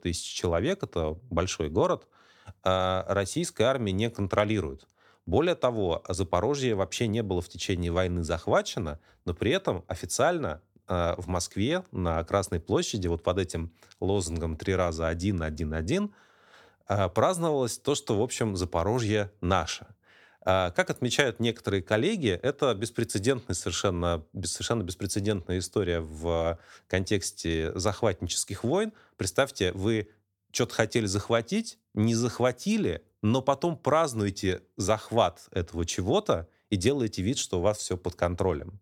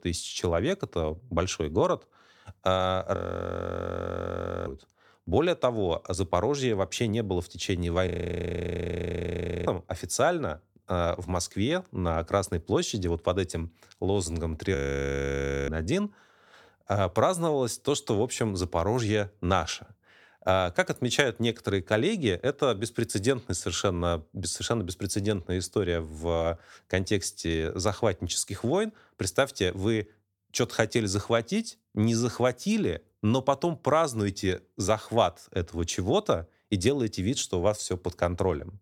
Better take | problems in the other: first | audio freezing; at 3 s for 1.5 s, at 8 s for 1.5 s and at 15 s for 1 s

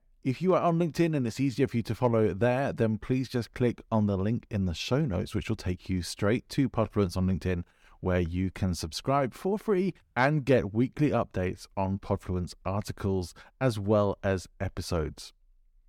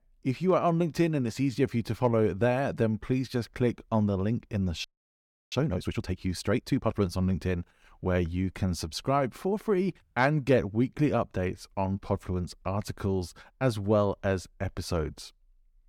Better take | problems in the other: first | audio freezing; at 5 s for 0.5 s

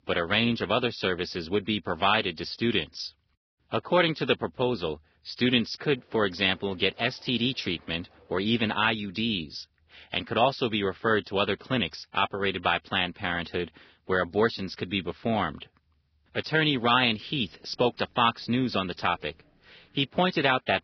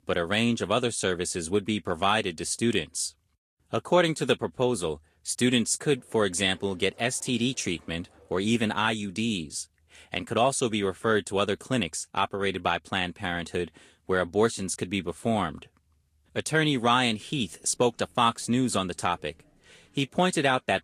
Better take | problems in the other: second | garbled, watery; badly; nothing above 5.5 kHz; slightly in the second

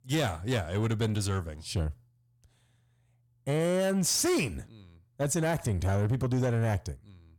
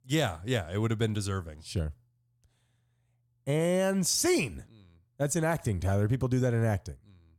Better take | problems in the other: second | distortion; slight; 10 dB below the speech

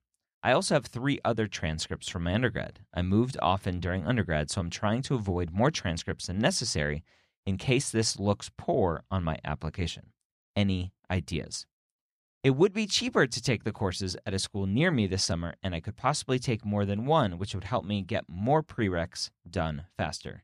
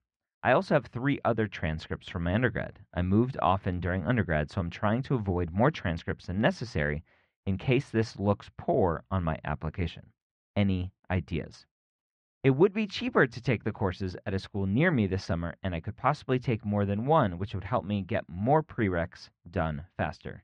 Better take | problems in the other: first | muffled; very; fading above 2 kHz

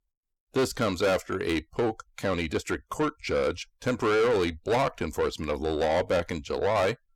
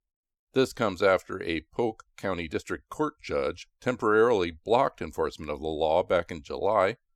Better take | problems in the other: second | distortion; heavy; 7 dB below the speech

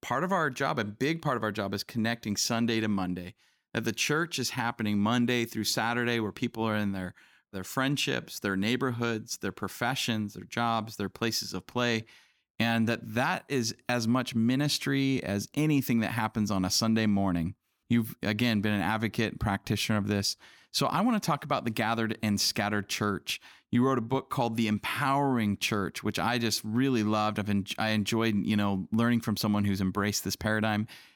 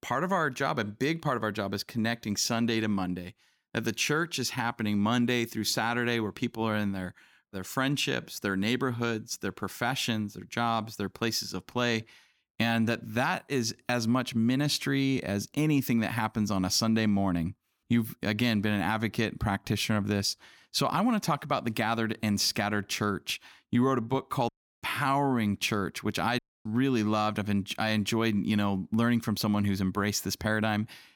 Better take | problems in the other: first | audio cutting out; at 24 s and at 26 s

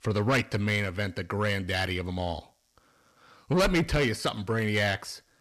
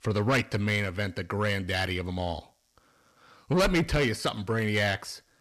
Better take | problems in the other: neither | distortion; heavy; 7 dB below the speech; the same in both

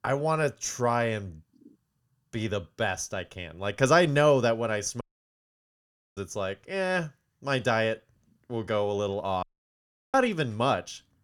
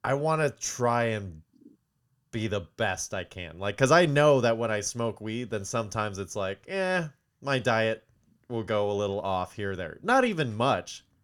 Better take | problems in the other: second | audio cutting out; at 5 s for 1 s and at 9.5 s for 0.5 s

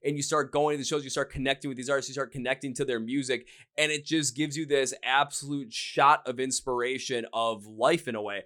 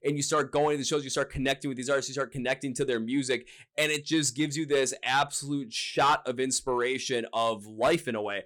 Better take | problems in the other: first | distortion; slight; 10 dB below the speech

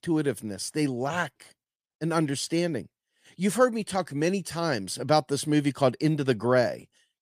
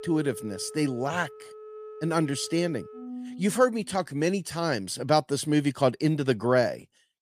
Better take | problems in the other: first | background music; noticeable; until 4 s; 15 dB below the speech

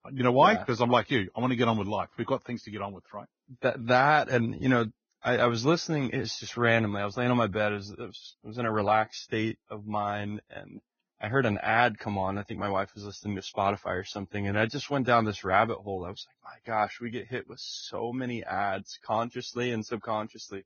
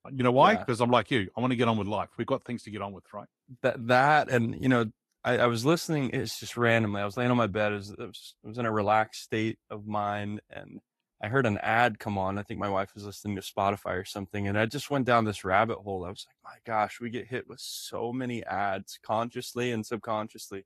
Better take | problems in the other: second | garbled, watery; badly; nothing above 6.5 kHz; slightly in the second

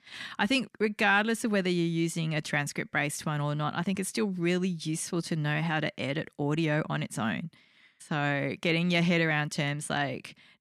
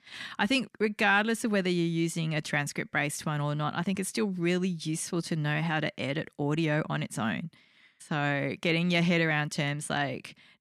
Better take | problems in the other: neither | none

